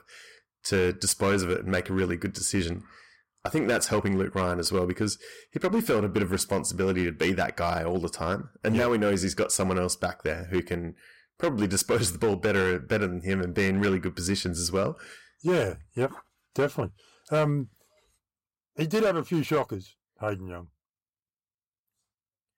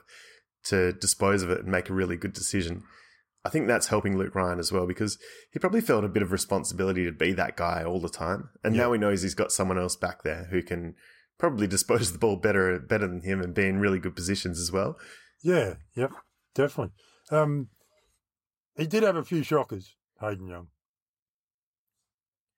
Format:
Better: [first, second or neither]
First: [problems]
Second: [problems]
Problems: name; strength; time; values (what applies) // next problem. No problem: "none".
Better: second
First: distortion; slight; 5% of the sound clipped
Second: none